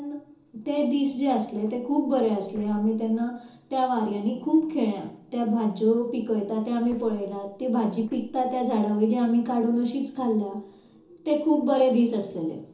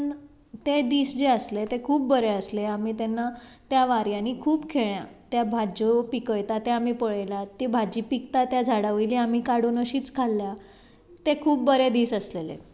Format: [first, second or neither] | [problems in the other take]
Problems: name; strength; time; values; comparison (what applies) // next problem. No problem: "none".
second | noise reduction (neural separator model SepFormer DNS4)